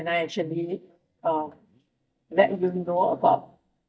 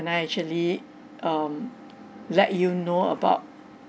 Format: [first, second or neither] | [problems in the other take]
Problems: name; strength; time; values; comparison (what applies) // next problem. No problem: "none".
second | noise reduction (neural mask model DeepFilterNet 3)